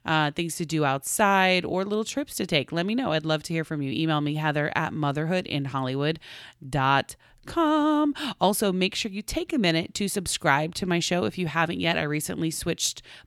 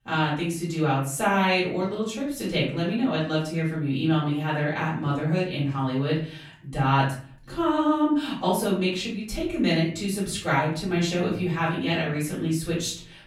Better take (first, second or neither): first